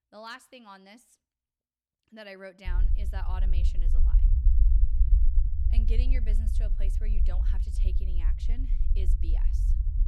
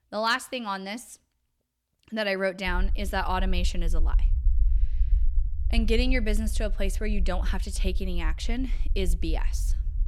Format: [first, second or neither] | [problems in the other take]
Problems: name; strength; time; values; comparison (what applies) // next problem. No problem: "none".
second | low rumble; loud; from 2.5 s on; 5 dB below the speech; faint in the second